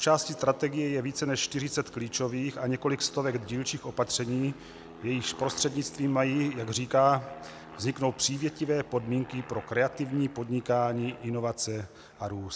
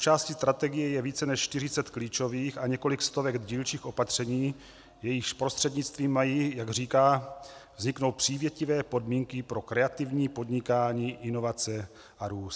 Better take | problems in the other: second | background sound (Aircraft); 19 dB below the speech

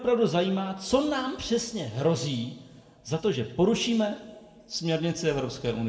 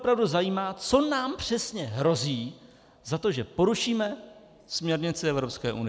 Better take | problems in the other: second | room echo; dies away in 0.9 s

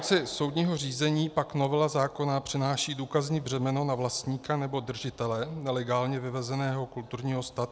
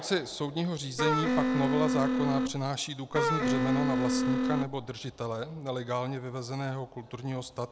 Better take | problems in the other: first | background sound (Wind instrument, woodwind instrument); 5 dB above the speech

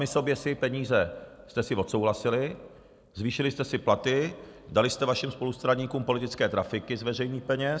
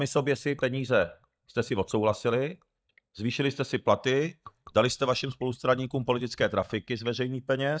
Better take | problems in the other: first | noise reduction (neural mask model DeepFilterNet 3)

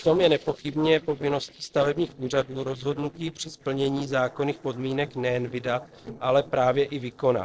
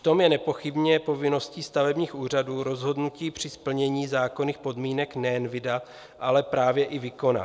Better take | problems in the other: second | noise reduction (neural separator model SepFormer DNS4)

